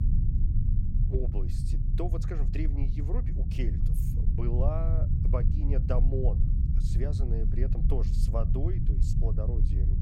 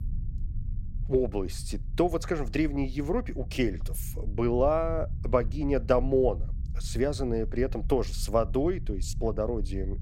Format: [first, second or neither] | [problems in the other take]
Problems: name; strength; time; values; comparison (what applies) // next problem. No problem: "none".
second | low rumble; loud; throughout; 4 dB below the speech; faint in the second